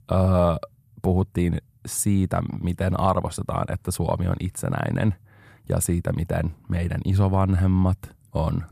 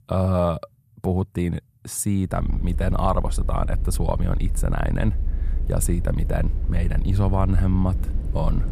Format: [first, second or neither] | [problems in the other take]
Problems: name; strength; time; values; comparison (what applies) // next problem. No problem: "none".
first | low rumble; noticeable; from 2.5 s on; 15 dB below the speech